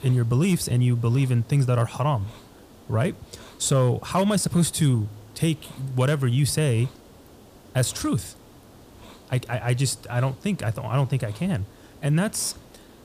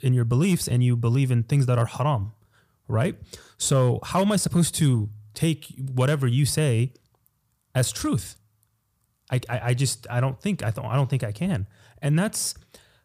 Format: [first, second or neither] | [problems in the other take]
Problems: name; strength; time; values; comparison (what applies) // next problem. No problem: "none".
second | hiss; faint; throughout; 25 dB below the speech